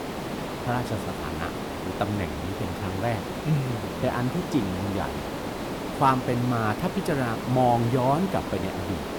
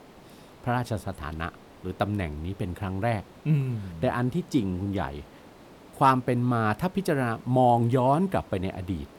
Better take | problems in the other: second | hiss; loud; throughout; 5 dB below the speech; faint in the second

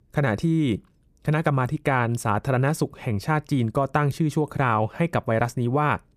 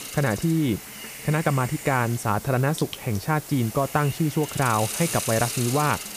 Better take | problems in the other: first | hiss; loud; throughout; 8 dB below the speech

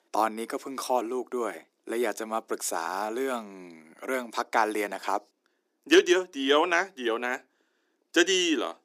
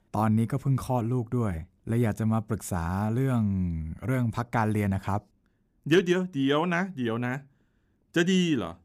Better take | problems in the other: second | thin; very; fading below 300 Hz

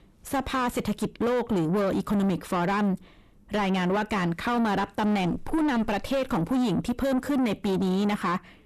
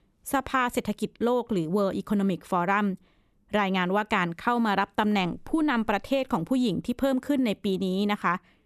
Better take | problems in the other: second | distortion; heavy; 7 dB below the speech

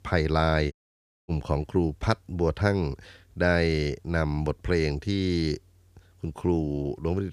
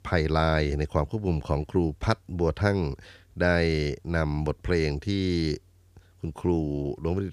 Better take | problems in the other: second | audio cutting out; at 0.5 s for 0.5 s

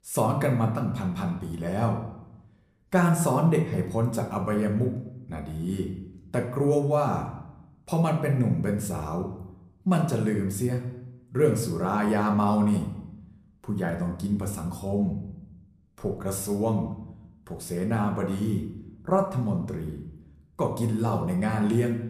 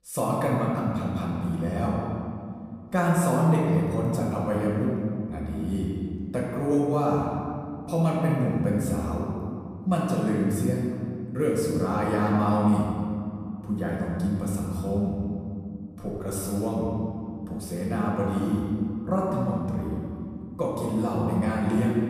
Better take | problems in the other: first | room echo; strong; dies away in 2.4 s; slight in the first // off-mic speech; far; somewhat distant in the first

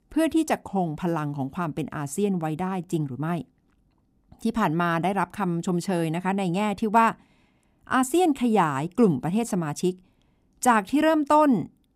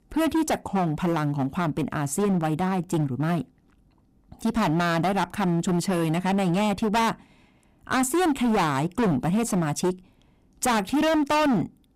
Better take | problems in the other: first | distortion; heavy; 19% of the sound clipped

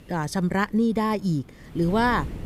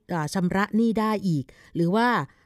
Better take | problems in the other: second | wind noise on the microphone; occasional gusts; 20 dB below the speech

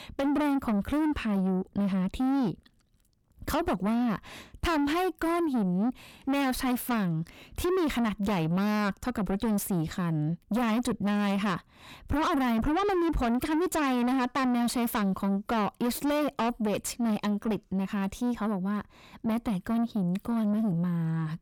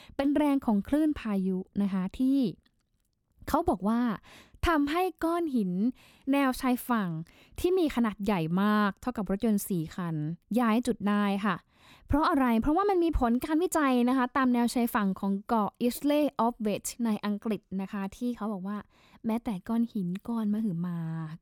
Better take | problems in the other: second | distortion; heavy; 8 dB below the speech

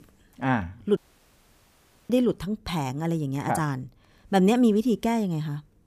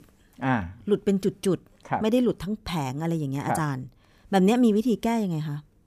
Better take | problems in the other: second | audio cutting out; at 1 s for 1 s

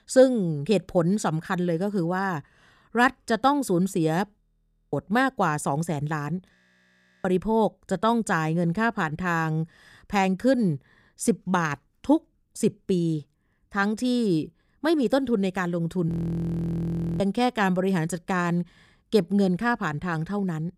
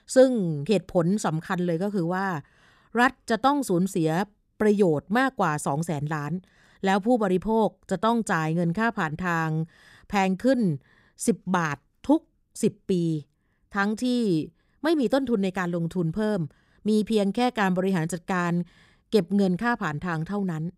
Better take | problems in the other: second | audio freezing; at 4.5 s for 0.5 s, at 6.5 s for 0.5 s and at 16 s for 1 s

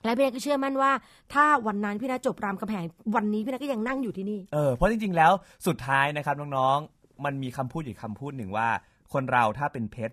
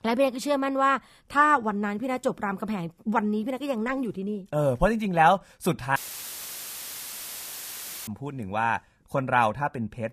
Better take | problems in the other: first | audio cutting out; filled with static; at 6 s for 2 s

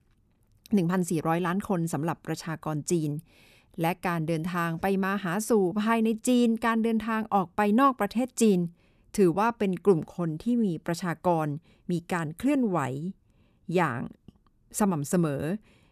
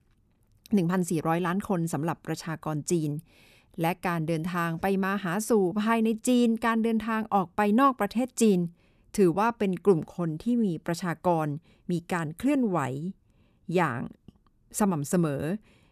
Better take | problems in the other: neither | none

